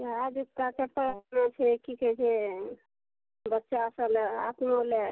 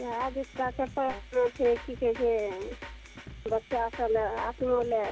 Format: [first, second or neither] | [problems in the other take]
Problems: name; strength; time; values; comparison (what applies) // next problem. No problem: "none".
first | background sound (Drum kit); 14 dB below the speech